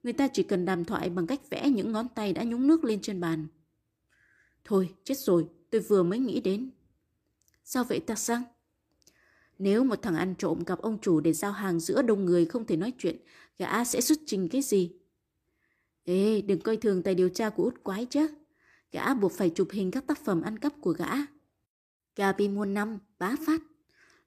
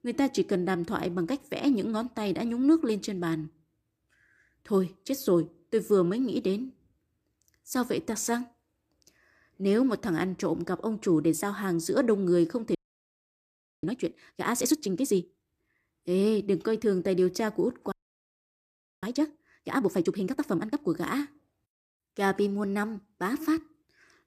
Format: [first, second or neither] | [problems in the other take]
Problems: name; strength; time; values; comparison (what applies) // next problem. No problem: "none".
first | audio freezing; at 13 s for 1 s and at 18 s for 1 s